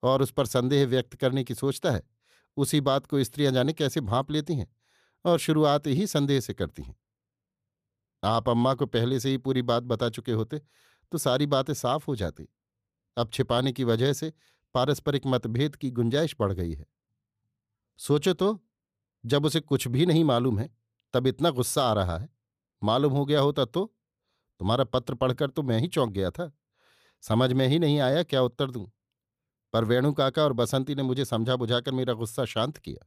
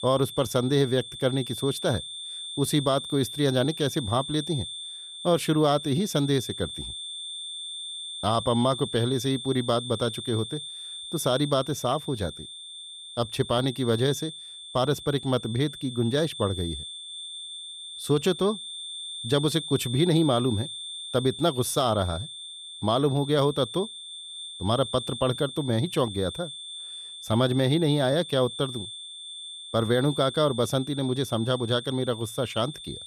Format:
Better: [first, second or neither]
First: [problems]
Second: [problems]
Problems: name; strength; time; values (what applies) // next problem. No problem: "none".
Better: first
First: none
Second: high-pitched whine; loud; throughout; 3.5 kHz, 10 dB below the speech